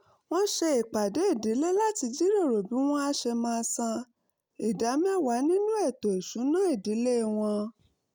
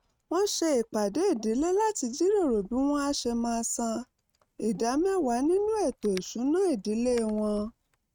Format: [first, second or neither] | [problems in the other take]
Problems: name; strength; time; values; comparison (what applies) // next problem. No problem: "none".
first | noise reduction (neural mask model RNNoise)